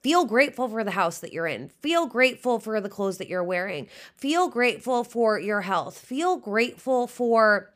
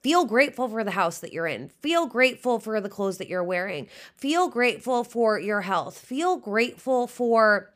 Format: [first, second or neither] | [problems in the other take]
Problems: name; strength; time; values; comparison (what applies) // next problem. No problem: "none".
neither | none